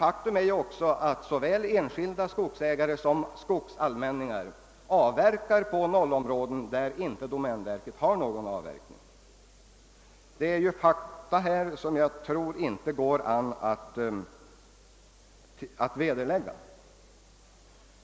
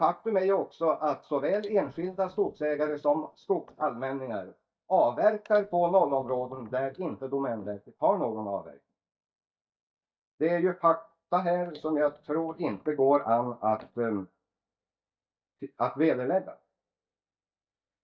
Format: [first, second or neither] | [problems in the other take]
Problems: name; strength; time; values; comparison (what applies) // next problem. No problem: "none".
first | noise reduction (neural mask model DeepFilterNet 3)